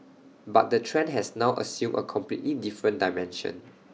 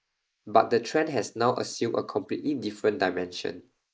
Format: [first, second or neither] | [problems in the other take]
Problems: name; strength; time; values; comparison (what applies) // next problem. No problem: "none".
first | noise reduction (neural mask model Resemble Enhance denoiser)